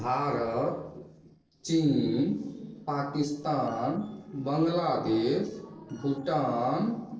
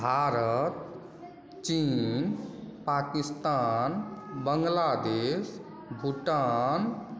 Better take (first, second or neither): second